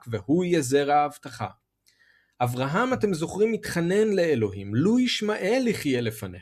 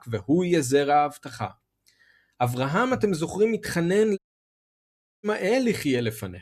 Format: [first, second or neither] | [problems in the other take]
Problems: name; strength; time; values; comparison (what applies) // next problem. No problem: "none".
first | audio cutting out; at 4 s for 1 s